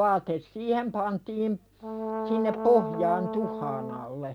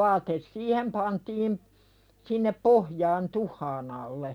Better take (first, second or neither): second